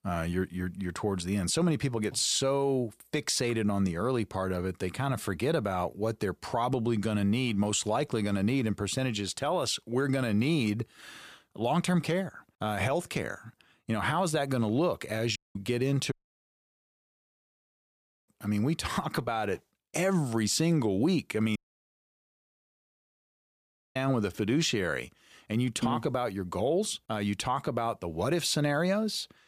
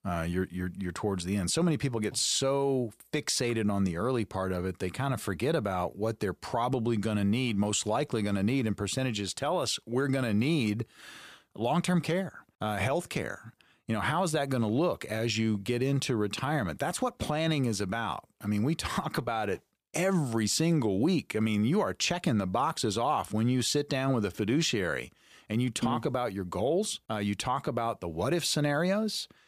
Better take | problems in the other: second | audio cutting out; at 15 s, at 16 s for 2 s and at 22 s for 2.5 s

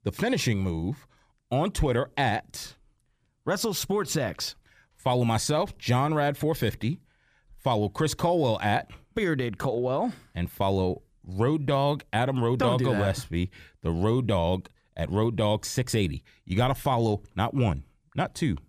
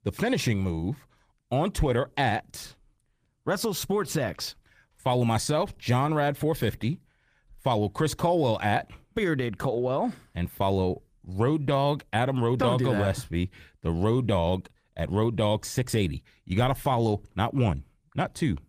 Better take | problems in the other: first | garbled, watery; slightly; nothing above 15 kHz

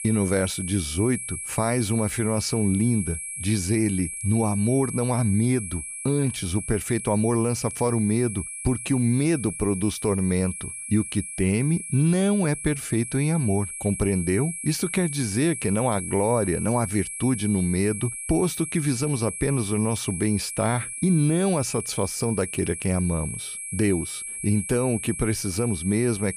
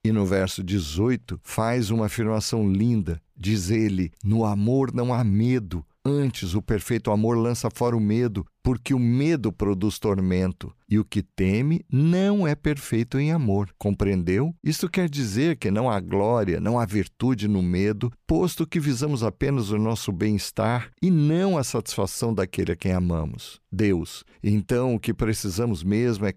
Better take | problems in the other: second | high-pitched whine; loud; throughout; 10.5 kHz, 7 dB below the speech

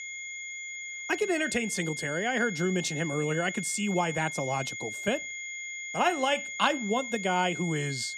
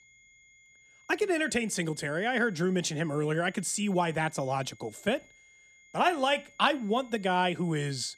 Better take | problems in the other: second | high-pitched whine; loud; throughout; 2 kHz, 6 dB below the speech; faint in the second

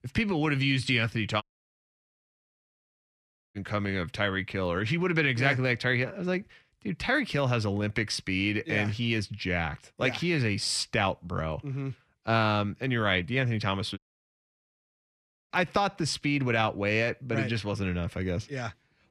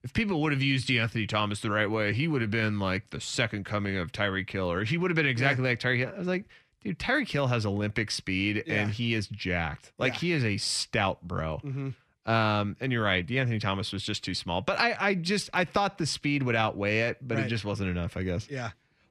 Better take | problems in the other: second | audio cutting out; at 1.5 s for 2 s and at 14 s for 1.5 s

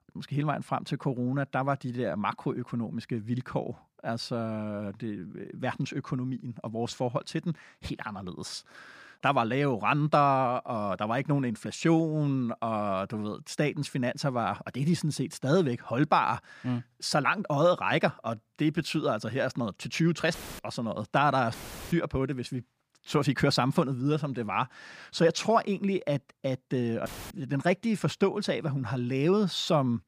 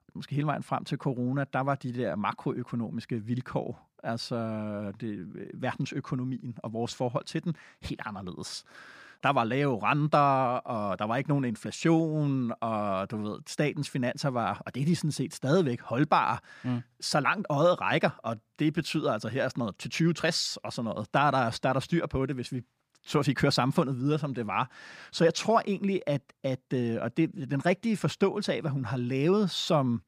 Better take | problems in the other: second | audio cutting out; filled with static; at 20 s, at 22 s and at 27 s

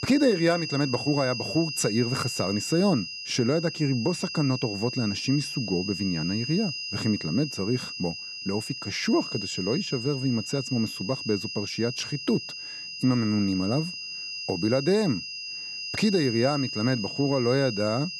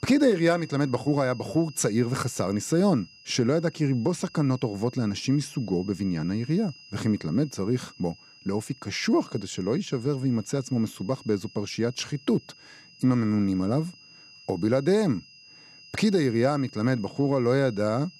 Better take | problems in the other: second | high-pitched whine; loud; throughout; 5 kHz, 6 dB below the speech; faint in the second

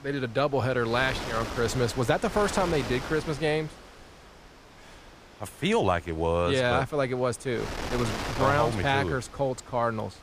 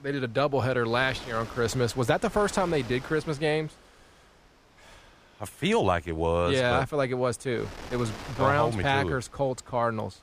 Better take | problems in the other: second | wind noise on the microphone; heavy; 9 dB below the speech; occasional gusts in the second

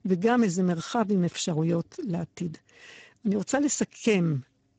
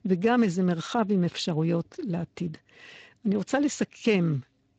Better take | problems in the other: second | garbled, watery; badly; nothing above 7.5 kHz; slightly in the second

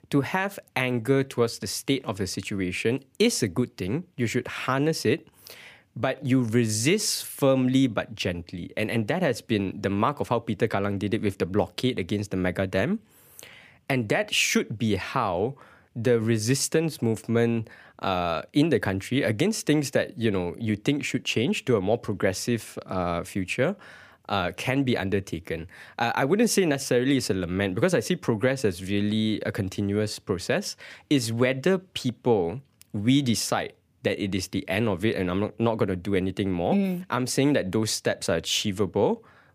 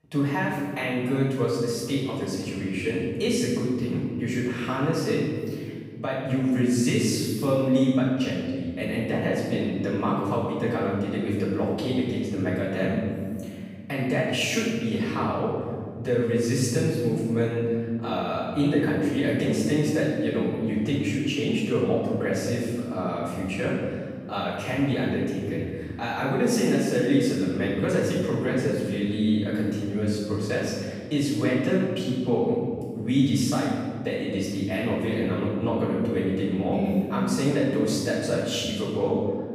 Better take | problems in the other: first | off-mic speech; far // room echo; strong; dies away in 2.1 s

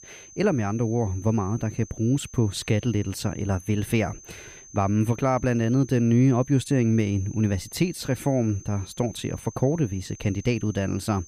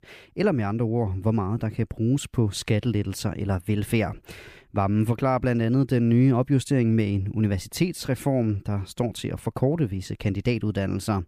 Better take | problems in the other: second | high-pitched whine; noticeable; throughout; 6.5 kHz, 20 dB below the speech

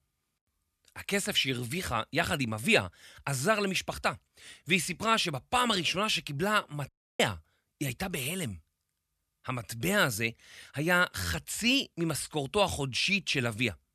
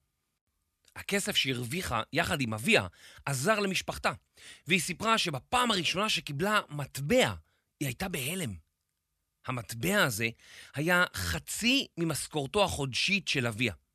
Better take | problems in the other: second | audio cutting out; at 7 s

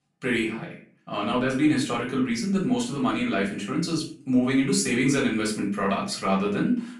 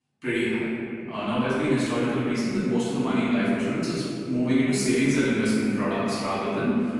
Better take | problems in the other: first | room echo; strong; dies away in 2.4 s; slight in the first // off-mic speech; far; far in the first

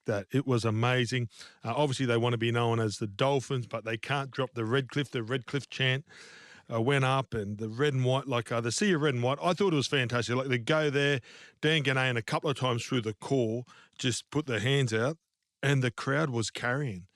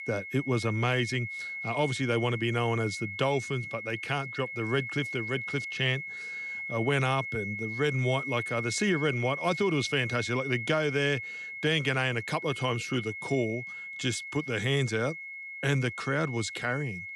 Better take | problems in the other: first | high-pitched whine; loud; throughout; 2 kHz, 6 dB below the speech

